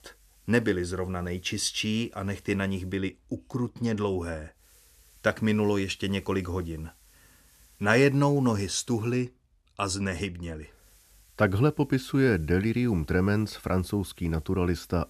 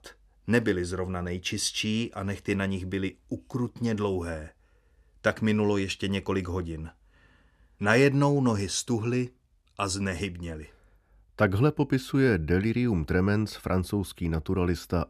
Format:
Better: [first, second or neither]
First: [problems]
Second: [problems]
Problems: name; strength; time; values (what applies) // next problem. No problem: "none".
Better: second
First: hiss; faint; until 3 s, from 4.5 to 9 s and from 11 s on; 30 dB below the speech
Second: none